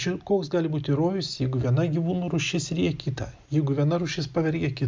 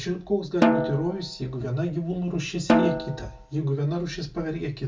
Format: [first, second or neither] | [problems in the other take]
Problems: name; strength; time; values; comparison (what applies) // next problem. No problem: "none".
first | background sound (Snare drum); 1 dB above the speech // room echo; dies away in 0.2 s